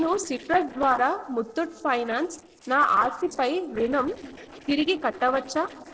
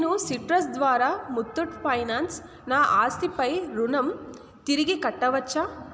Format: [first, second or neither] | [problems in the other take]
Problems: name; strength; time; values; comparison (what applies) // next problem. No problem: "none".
second | noise reduction (neural separator model SepFormer DNS4)